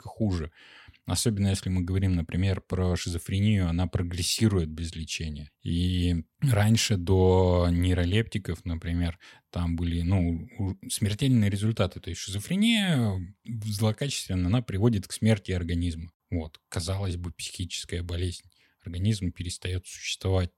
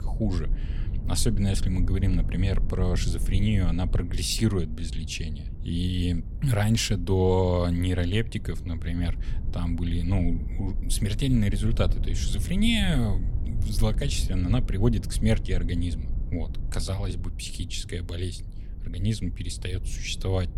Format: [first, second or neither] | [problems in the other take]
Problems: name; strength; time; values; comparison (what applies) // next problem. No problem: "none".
first | low rumble; noticeable; throughout; 15 dB below the speech